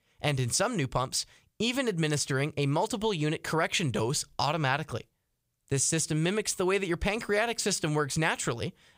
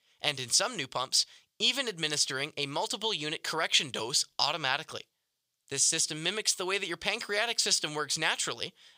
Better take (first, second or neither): first